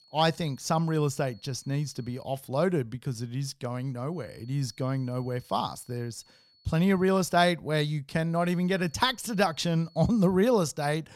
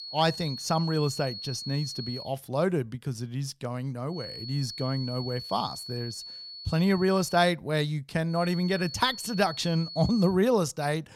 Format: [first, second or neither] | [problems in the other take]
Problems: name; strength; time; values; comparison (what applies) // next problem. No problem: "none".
first | high-pitched whine; loud; until 2.5 s, from 4 to 7.5 s and from 8.5 to 10 s; 4.5 kHz, 10 dB below the speech; faint in the first